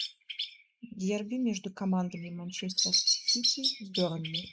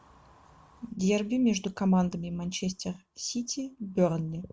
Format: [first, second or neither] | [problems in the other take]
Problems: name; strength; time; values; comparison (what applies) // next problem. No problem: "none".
second | noise reduction (neural mask model Resemble Enhance denoiser)